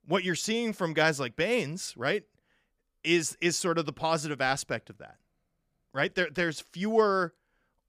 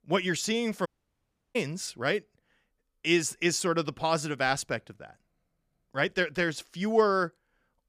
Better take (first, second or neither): first